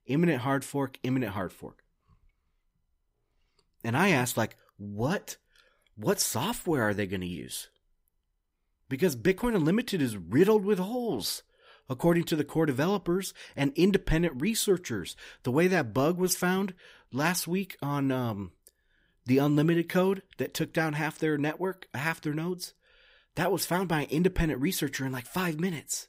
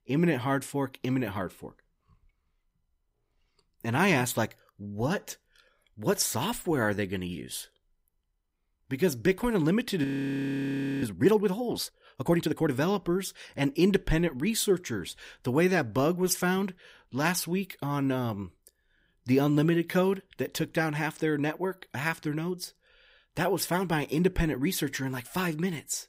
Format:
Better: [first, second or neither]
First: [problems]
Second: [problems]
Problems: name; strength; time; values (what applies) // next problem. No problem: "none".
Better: first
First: none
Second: audio freezing; at 10 s for 1 s